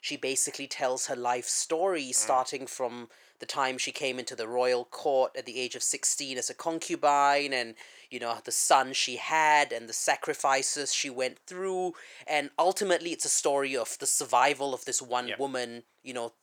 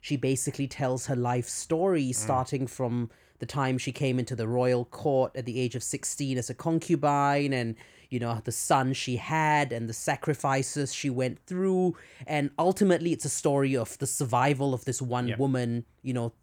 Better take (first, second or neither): second